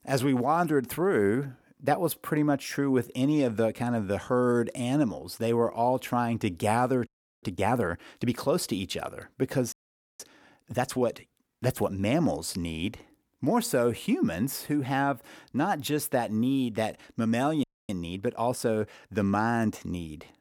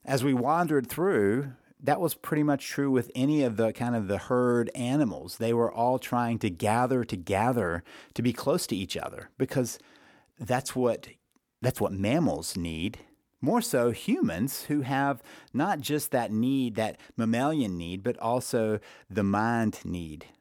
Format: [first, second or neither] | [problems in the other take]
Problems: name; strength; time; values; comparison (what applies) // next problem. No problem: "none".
second | audio freezing; at 7 s, at 9.5 s and at 18 s